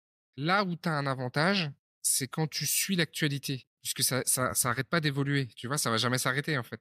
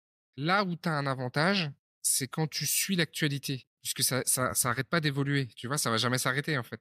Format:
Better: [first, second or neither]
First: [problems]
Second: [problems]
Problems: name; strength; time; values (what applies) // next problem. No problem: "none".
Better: neither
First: none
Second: none